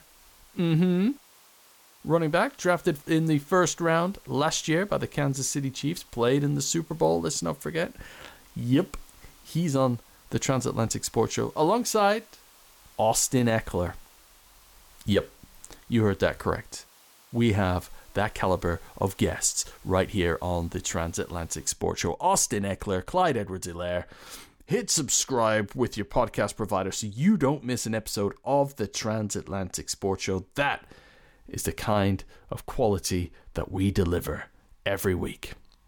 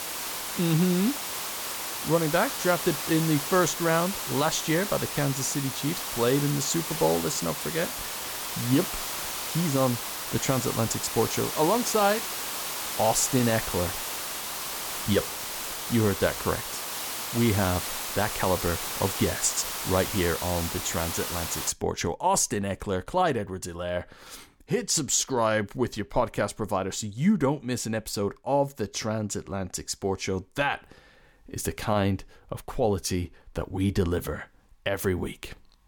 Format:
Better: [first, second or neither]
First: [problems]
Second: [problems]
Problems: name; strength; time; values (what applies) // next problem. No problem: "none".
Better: first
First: hiss; faint; until 22 s; 25 dB below the speech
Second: hiss; loud; until 22 s; 4 dB below the speech